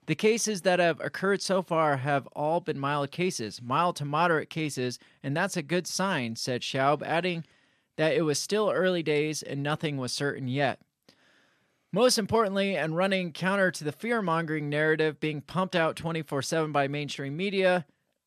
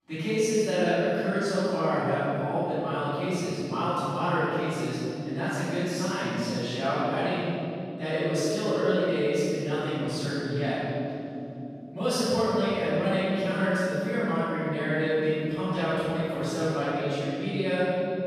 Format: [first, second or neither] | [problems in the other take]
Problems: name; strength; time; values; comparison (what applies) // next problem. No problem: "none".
first | room echo; strong; dies away in 3 s // off-mic speech; far